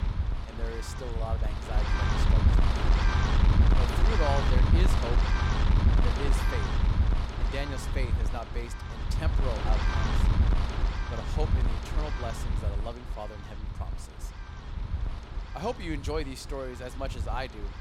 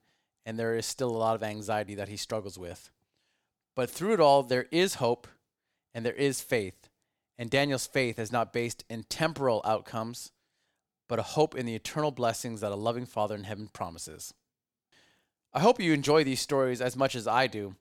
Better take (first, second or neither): second